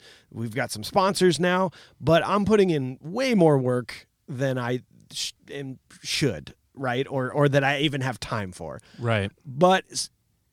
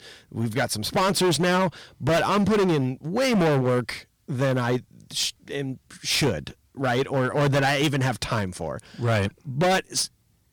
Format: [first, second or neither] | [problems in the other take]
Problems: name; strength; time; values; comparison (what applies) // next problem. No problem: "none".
first | distortion; heavy; 14% of the sound clipped